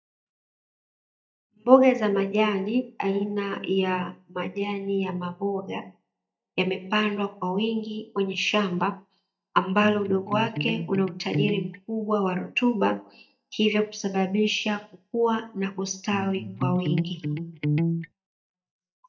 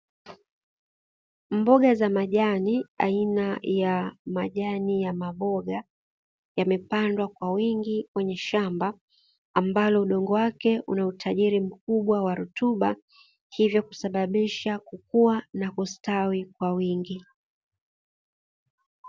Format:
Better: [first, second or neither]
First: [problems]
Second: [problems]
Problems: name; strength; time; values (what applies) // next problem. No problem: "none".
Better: second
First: noise reduction (neural mask model DeepFilterNet 3)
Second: none